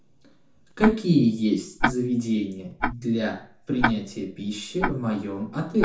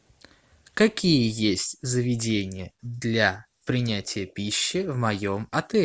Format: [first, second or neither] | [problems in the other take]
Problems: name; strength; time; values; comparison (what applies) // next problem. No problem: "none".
second | background sound (Tick-tock); 6 dB below the speech // room echo; dies away in 0.7 s